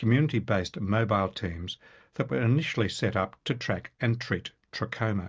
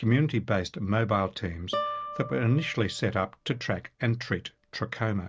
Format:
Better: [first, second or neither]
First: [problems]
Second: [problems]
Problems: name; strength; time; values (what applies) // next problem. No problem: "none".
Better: first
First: none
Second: background sound (Guitar); 10 dB below the speech